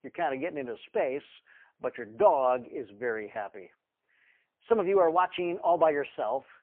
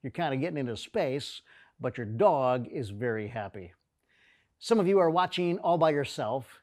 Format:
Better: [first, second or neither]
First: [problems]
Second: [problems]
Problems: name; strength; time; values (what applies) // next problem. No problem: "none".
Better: second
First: phone-call audio; poor line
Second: none